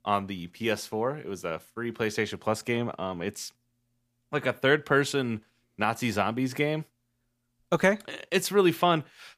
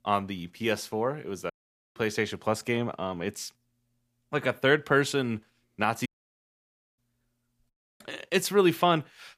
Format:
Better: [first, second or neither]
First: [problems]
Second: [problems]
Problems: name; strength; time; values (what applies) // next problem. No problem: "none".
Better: first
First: none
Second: audio cutting out; at 1.5 s, at 6 s for 1 s and at 7.5 s